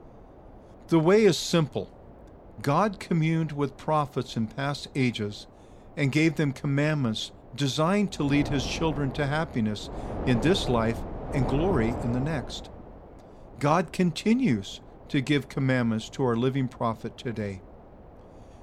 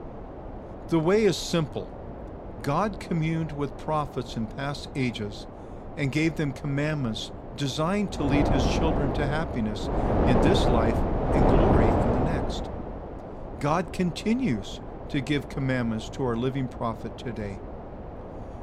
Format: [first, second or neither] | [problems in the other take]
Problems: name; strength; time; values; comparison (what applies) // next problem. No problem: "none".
first | wind noise on the microphone; heavy; 2 dB below the speech; occasional gusts in the first